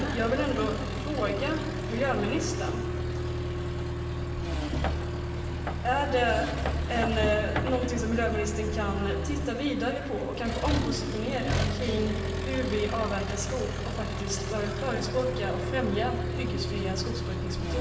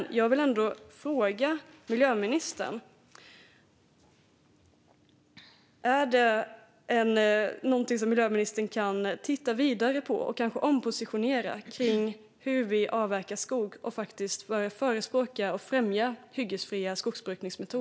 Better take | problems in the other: second | background sound (Accelerating, revving, vroom); as loud as the speech // room echo; dies away in 1.3 s

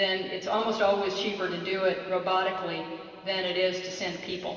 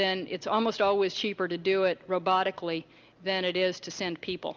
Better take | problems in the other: second | room echo; dies away in 2.6 s

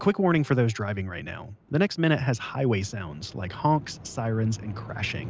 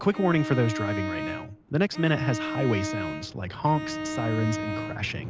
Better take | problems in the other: first | background sound (Bowed string instrument); 6 dB below the speech

